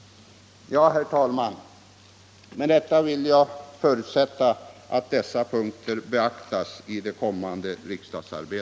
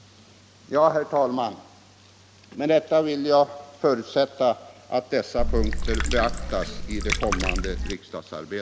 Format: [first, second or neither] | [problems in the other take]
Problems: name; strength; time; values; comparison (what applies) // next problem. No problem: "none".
first | background sound (Water / Liquid); as loud as the speech